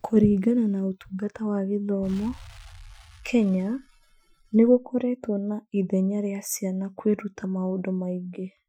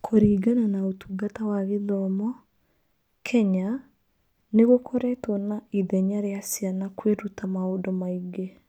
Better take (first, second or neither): second